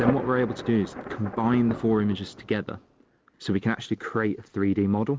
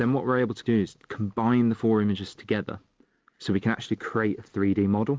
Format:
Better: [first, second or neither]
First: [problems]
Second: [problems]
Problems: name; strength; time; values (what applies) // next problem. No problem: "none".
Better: second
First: background sound (Thunder); 11 dB below the speech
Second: none